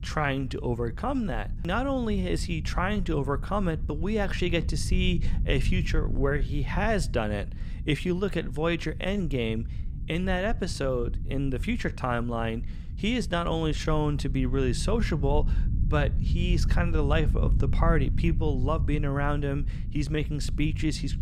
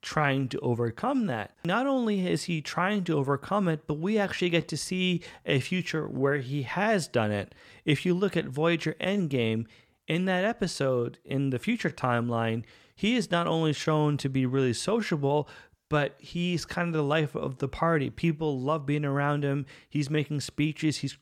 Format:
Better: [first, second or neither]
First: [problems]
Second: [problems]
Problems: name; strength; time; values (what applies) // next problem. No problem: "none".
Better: second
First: low rumble; noticeable; throughout; 15 dB below the speech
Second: none